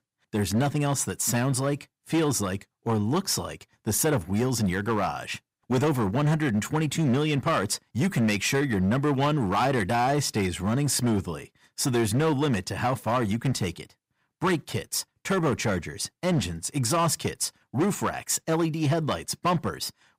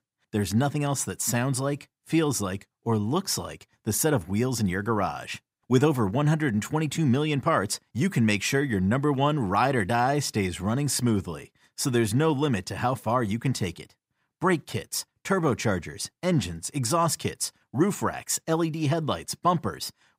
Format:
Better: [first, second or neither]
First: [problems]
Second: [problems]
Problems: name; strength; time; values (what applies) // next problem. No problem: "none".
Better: second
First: distortion; slight; 9% of the sound clipped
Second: none